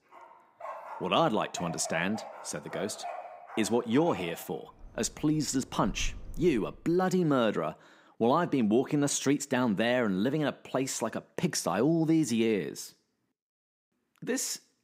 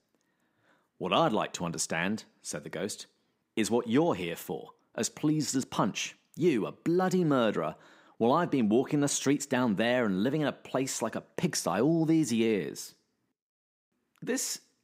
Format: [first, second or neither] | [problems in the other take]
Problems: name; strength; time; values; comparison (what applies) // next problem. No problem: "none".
second | animal sounds; noticeable; until 6.5 s; 15 dB below the speech